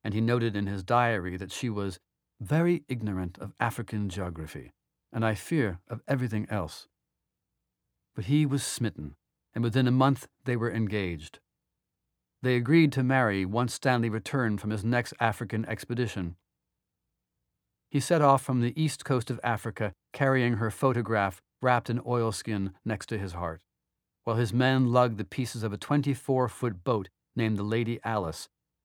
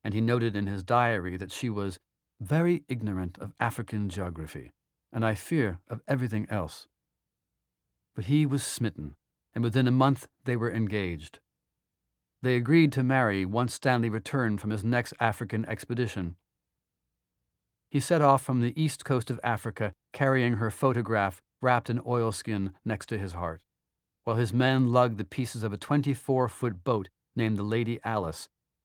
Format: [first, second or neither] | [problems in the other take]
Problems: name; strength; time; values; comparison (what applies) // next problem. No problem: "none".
first | garbled, watery; slightly; nothing above 19 kHz